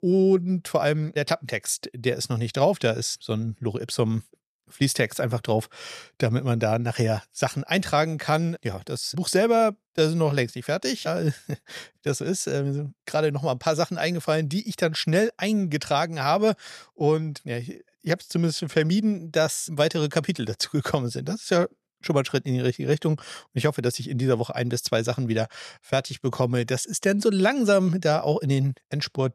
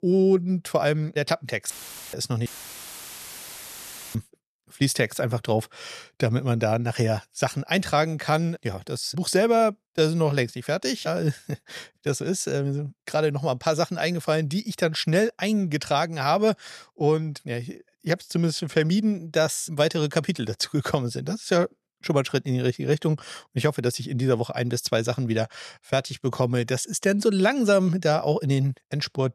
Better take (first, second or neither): first